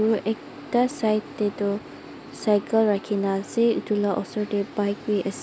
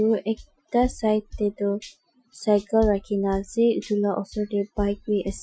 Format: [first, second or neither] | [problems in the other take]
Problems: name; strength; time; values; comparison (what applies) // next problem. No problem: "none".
first | noise reduction (classical method Wiener filter)